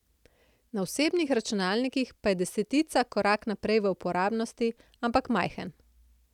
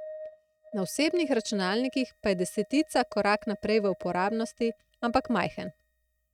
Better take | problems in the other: first | noise reduction (neural mask model RNNoise)

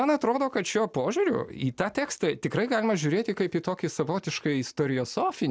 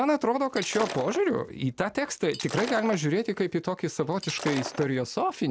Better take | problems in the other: first | background sound (Shatter); 11 dB below the speech

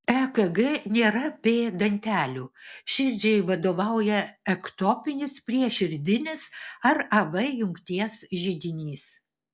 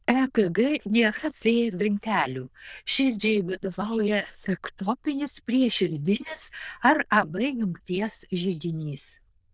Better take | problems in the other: first | noise reduction (neural diffusion model UNIVERSE++)

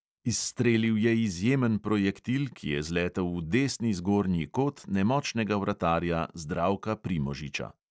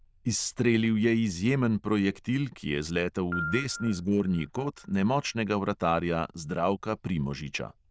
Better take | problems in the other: first | noise reduction (neural diffusion model UNIVERSE++)

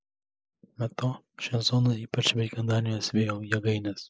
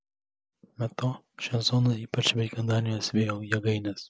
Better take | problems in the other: second | noise reduction (neural mask model Resemble Enhance denoiser)

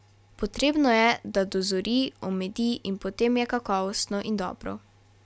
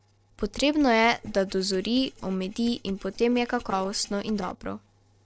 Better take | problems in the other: first | noise reduction (neural separator model SepFormer DNS4)

